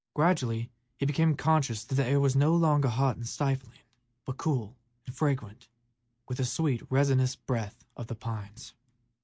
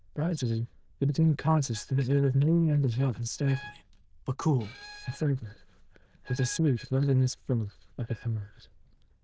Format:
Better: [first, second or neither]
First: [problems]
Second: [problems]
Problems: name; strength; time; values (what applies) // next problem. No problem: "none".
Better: first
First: none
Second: noise reduction (neural diffusion model UNIVERSE++)